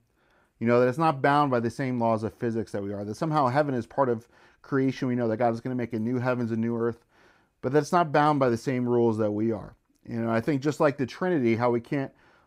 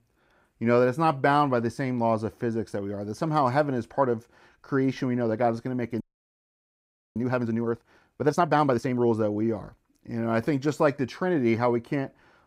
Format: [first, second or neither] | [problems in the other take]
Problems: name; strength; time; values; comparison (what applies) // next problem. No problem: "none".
first | audio freezing; at 6 s for 1 s